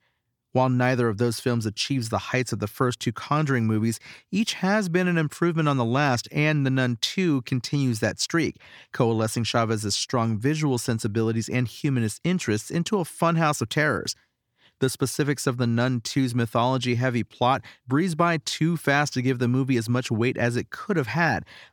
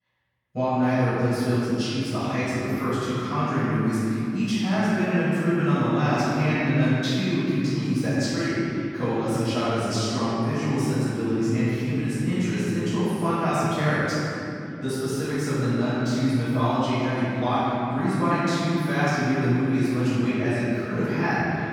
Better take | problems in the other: first | room echo; strong; dies away in 3 s // off-mic speech; far

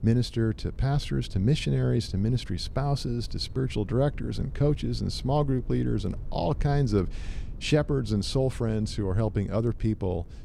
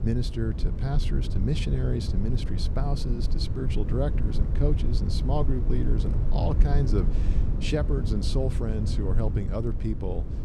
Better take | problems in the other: first | low rumble; loud; throughout; 7 dB below the speech; faint in the first

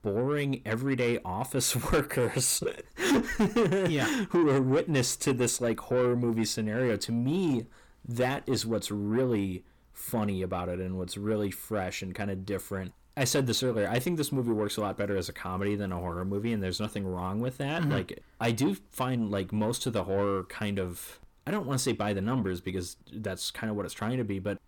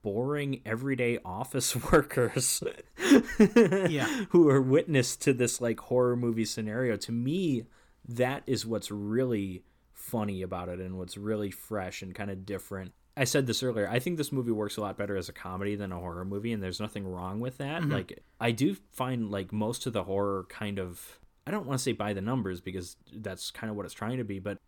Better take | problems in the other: second | distortion; heavy; 8 dB below the speech

